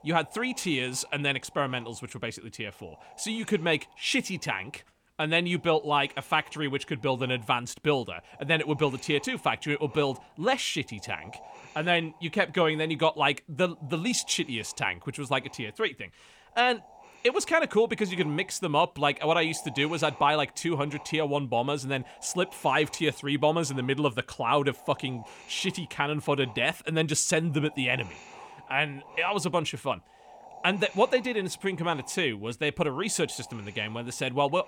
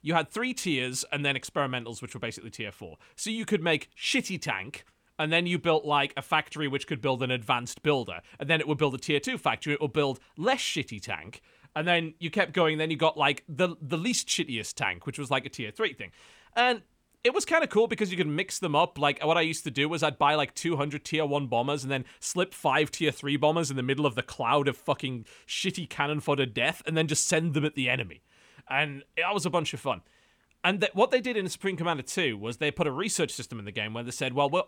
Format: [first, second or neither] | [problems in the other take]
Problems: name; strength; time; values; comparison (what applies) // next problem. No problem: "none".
second | wind noise on the microphone; occasional gusts; 20 dB below the speech